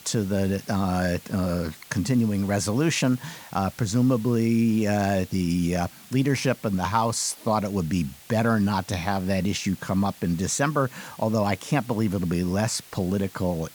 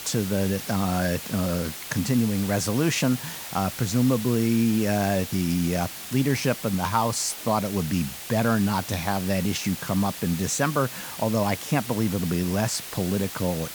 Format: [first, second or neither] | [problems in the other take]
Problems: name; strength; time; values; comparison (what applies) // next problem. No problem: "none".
first | hiss; loud; throughout; 9 dB below the speech; faint in the first